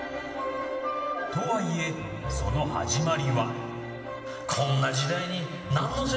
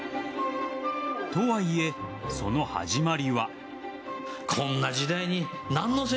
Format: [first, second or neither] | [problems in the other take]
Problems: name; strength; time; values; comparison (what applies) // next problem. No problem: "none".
second | background sound (Bowed string instrument); 11 dB below the speech // room echo; dies away in 2 s